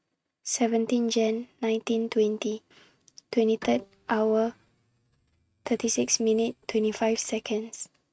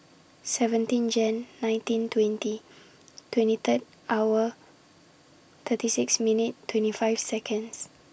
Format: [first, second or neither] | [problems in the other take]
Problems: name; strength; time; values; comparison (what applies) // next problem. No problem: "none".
second | noise reduction (neural mask model RNNoise)